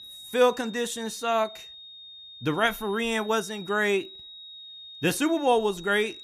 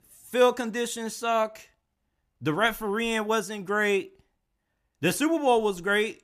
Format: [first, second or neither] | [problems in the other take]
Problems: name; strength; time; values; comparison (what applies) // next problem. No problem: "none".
second | high-pitched whine; noticeable; throughout; 3.5 kHz, 15 dB below the speech